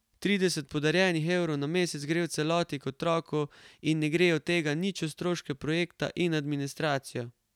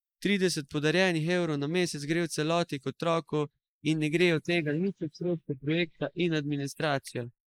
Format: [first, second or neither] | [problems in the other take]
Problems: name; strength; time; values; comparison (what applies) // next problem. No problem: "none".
first | noise reduction (neural mask model Resemble Enhance denoiser)